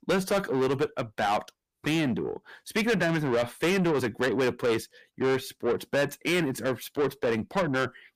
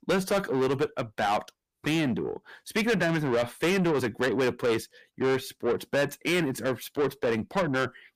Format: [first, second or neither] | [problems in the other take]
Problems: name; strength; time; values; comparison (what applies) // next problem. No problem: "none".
neither | distortion; heavy; 7 dB below the speech; the same in both